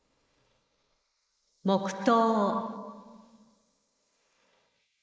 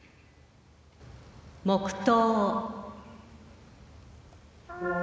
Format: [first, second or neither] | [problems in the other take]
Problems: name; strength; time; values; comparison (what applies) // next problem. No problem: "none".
second | noise reduction (neural mask model Resemble Enhance denoiser)